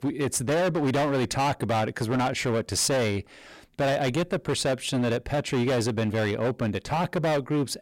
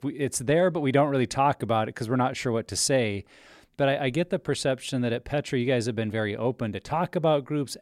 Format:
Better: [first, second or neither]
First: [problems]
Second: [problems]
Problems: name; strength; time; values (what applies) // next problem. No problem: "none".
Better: second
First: distortion; heavy; 23% of the sound clipped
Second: none